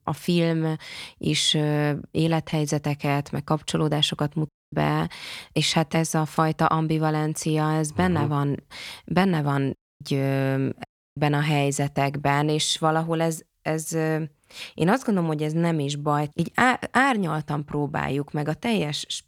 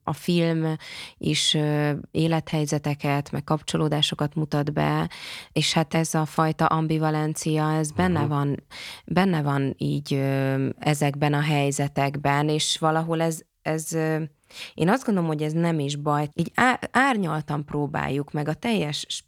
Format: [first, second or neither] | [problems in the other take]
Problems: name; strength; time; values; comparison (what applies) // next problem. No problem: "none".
second | audio cutting out; at 4.5 s, at 10 s and at 11 s